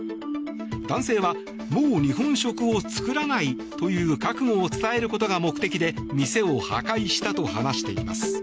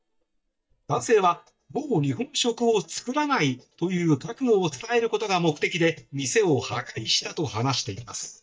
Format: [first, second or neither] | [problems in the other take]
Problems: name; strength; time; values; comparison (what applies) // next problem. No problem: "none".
first | noise reduction (neural mask model DeepFilterNet 3)